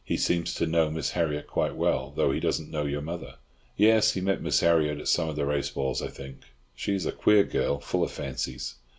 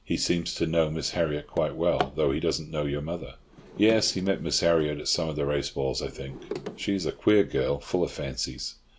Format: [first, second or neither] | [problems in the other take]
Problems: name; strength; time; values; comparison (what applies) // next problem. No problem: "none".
first | background sound (Drawer open or close); 16 dB below the speech